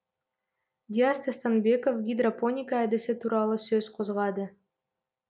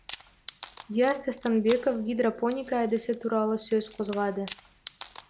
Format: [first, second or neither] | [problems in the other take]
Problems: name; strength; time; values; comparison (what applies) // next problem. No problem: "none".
first | background sound (Wood); 19 dB below the speech